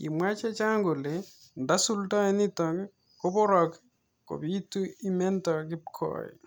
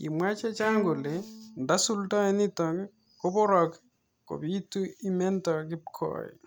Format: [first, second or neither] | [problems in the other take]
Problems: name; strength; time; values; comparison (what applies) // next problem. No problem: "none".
first | background sound (Bowed string instrument); 12 dB below the speech